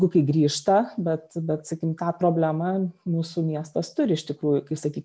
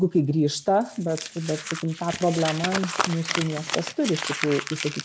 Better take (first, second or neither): first